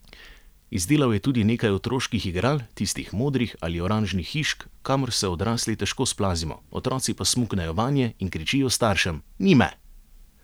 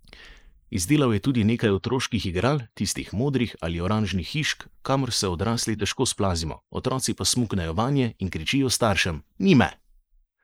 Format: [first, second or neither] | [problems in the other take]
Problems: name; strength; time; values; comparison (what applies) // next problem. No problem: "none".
first | noise reduction (neural mask model Resemble Enhance denoiser)